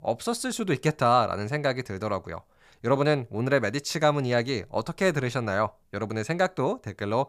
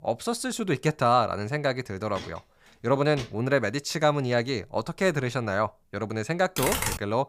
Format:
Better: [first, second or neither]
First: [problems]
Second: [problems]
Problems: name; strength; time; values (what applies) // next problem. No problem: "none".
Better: first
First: none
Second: footsteps; faint; from 2 to 3.5 s; peak 15 dB below the speech // keyboard typing; loud; at 6.5 s; peak level with the speech